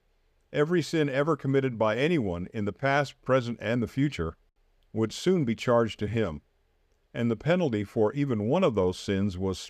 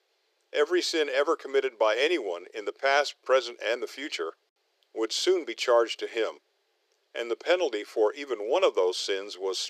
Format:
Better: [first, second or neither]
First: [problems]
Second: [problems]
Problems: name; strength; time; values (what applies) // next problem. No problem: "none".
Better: first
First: none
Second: thin; very; fading below 350 Hz